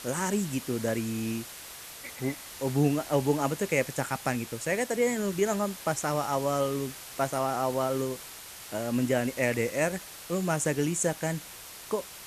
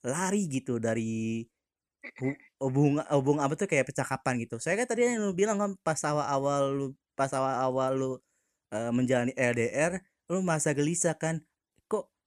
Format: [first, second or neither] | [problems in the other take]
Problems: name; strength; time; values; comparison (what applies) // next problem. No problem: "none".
second | hiss; noticeable; throughout; 10 dB below the speech